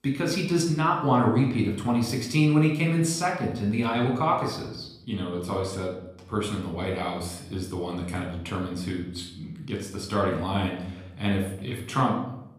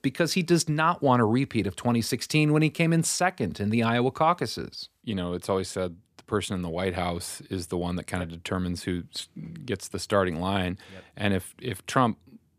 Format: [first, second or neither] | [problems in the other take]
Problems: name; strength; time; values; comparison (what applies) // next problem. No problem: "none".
second | off-mic speech; somewhat distant // room echo; noticeable; dies away in 0.7 s